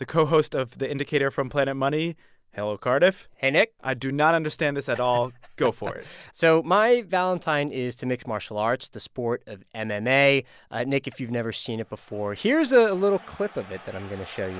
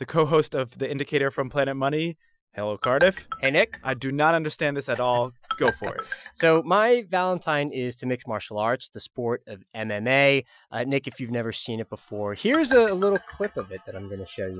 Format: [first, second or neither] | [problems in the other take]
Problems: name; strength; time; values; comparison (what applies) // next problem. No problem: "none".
first | noise reduction (classical method Wiener filter)